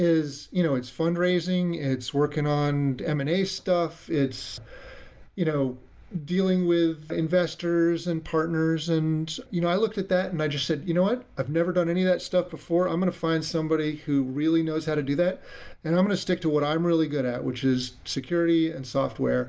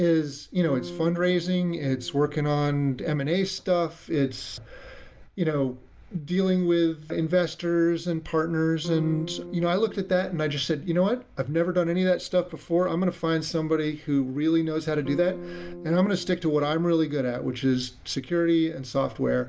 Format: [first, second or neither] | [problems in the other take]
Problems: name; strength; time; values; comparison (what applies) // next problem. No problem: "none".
first | background sound (Electric guitar / Strum); 13 dB below the speech